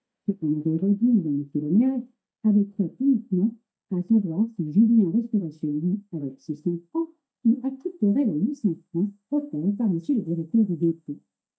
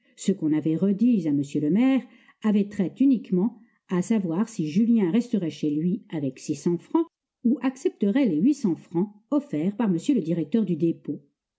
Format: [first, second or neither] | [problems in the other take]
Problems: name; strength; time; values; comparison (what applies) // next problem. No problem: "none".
second | noise reduction (neural mask model DeepFilterNet 3)